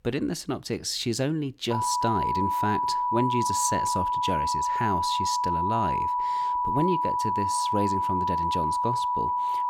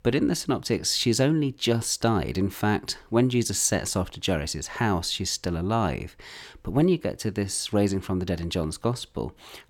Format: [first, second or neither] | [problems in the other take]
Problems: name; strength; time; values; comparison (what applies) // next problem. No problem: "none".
second | alarm; loud; from 1.5 s on; peak 4 dB above the speech